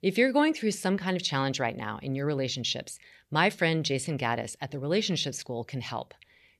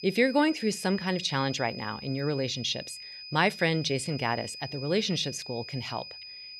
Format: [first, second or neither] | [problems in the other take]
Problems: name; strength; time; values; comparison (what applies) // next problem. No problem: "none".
first | high-pitched whine; noticeable; throughout; 5 kHz, 10 dB below the speech